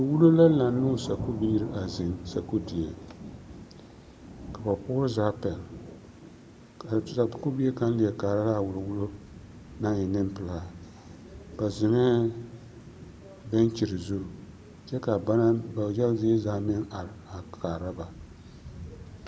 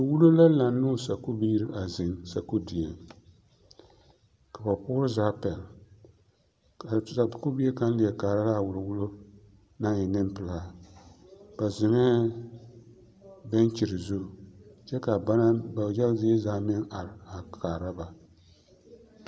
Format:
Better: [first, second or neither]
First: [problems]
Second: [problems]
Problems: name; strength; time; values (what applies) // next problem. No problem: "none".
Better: second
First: background sound (Thunder / Rain); 15 dB below the speech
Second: none